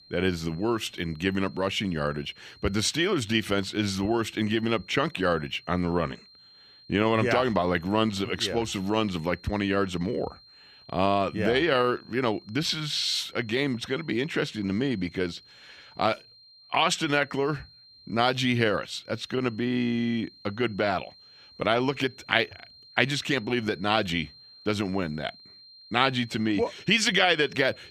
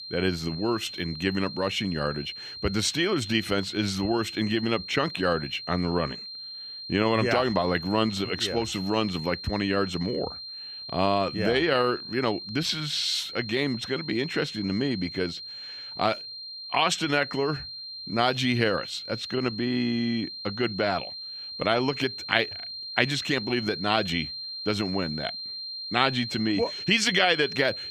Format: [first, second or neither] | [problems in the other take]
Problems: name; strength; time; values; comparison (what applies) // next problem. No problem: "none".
first | high-pitched whine; loud; throughout; 4 kHz, 9 dB below the speech; faint in the first